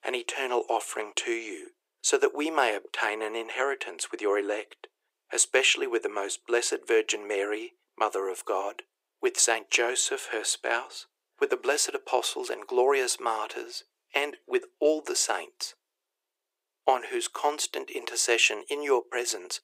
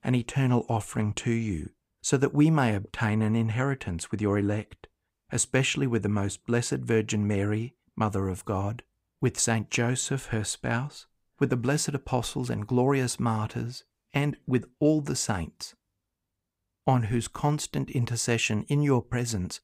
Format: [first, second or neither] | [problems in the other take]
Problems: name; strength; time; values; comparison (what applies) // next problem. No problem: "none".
second | thin; very; fading below 350 Hz